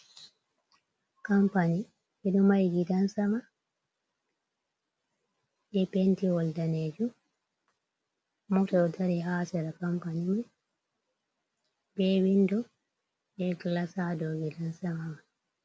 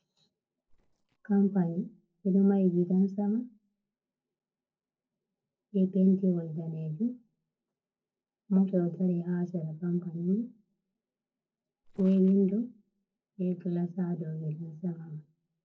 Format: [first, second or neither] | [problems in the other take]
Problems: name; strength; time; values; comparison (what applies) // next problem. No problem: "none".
first | noise reduction (neural separator model SepFormer DNS4)